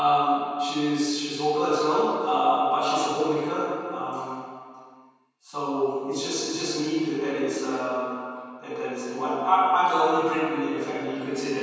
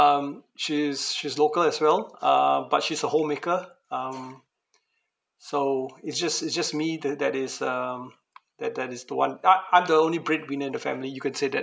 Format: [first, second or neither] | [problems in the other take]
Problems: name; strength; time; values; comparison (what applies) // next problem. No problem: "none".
second | room echo; dies away in 2.1 s